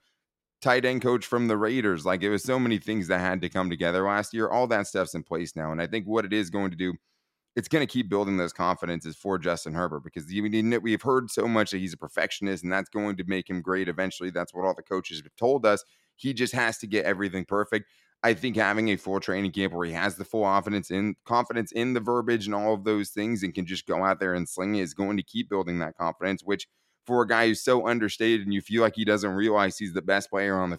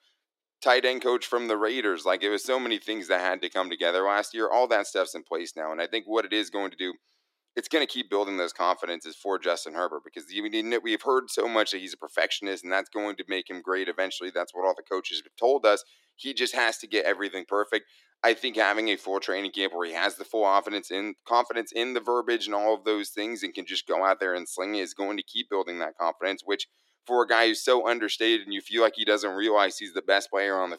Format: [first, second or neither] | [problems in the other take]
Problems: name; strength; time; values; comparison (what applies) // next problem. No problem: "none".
first | thin; somewhat; fading below 300 Hz